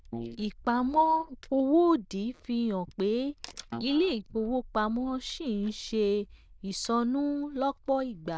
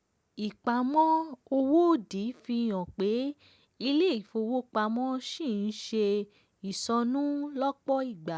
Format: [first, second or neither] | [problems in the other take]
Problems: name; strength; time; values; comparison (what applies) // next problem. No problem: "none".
second | noise reduction (neural diffusion model UNIVERSE++)